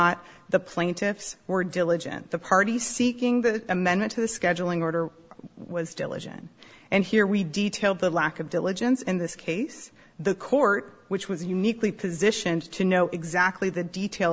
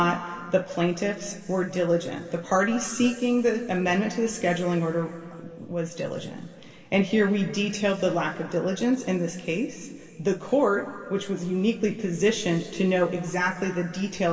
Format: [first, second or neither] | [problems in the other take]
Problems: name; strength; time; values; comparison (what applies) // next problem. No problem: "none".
first | room echo; dies away in 2.3 s